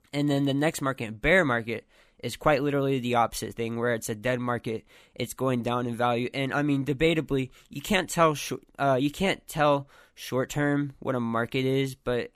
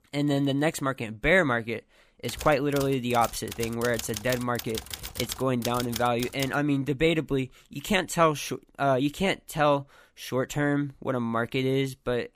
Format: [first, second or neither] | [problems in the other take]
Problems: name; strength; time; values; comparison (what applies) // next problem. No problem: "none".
first | keyboard typing; noticeable; from 2.5 to 6.5 s; peak 7 dB below the speech